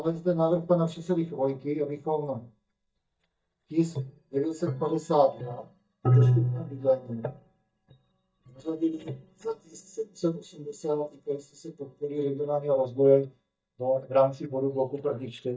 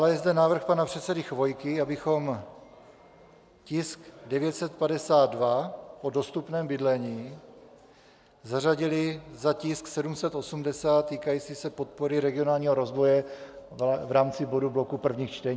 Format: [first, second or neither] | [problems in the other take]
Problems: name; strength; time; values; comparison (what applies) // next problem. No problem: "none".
second | noise reduction (neural mask model DeepFilterNet 3)